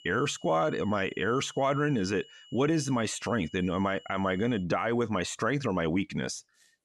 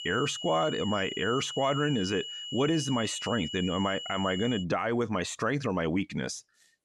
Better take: first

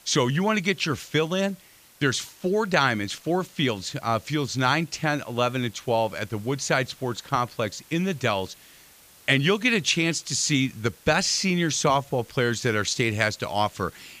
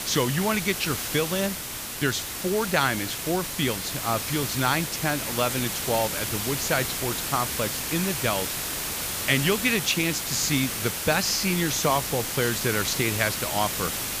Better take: first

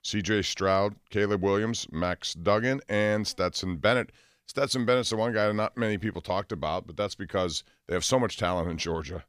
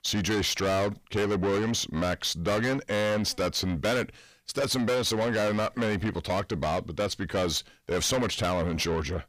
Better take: first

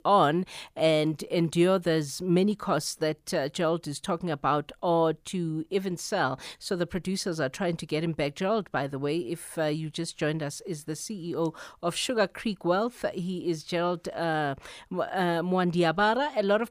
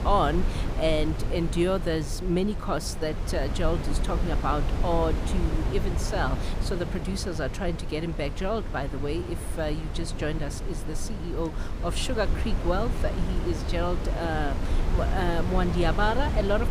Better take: first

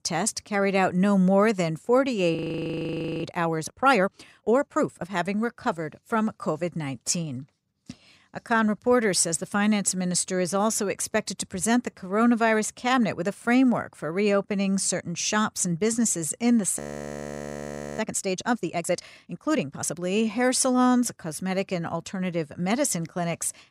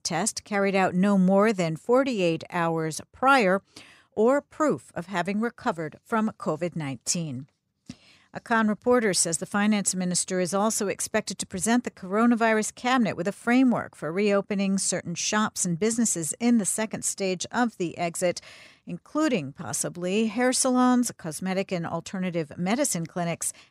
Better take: second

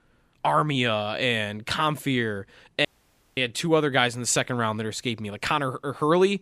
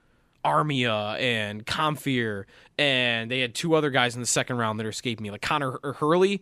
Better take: second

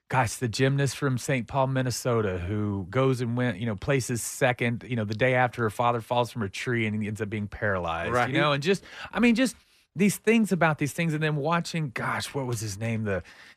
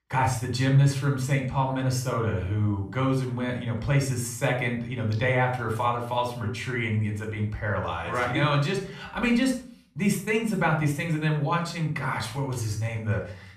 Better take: first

